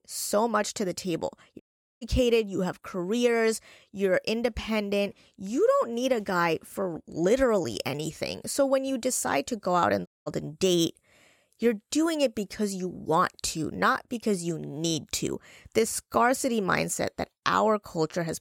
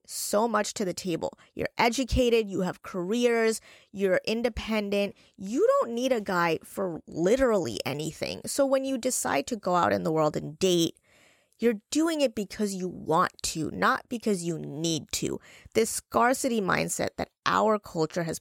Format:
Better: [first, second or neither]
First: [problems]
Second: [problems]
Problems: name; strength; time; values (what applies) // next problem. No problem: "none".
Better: second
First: audio cutting out; at 1.5 s and at 10 s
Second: none